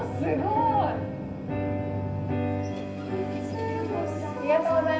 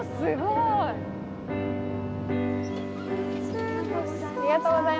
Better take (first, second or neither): second